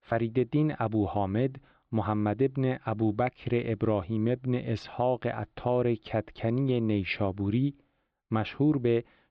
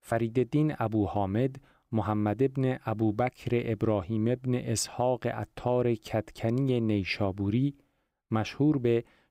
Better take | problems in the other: second | muffled; slightly; fading above 4 kHz

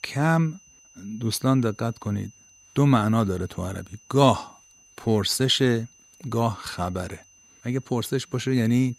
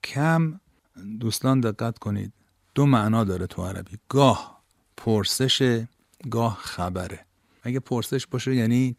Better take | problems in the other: second | high-pitched whine; faint; throughout; 6 kHz, 30 dB below the speech

